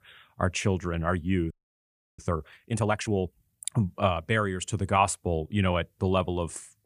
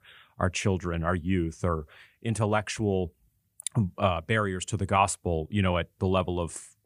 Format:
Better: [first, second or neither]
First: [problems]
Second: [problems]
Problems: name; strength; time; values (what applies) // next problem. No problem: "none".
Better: second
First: audio freezing; at 1.5 s for 0.5 s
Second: none